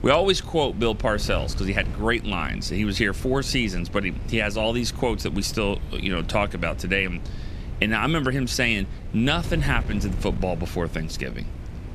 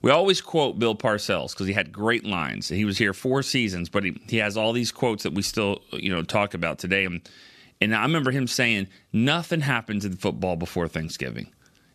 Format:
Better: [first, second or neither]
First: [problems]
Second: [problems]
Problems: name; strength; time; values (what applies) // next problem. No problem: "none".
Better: second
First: wind noise on the microphone; occasional gusts; 20 dB below the speech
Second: none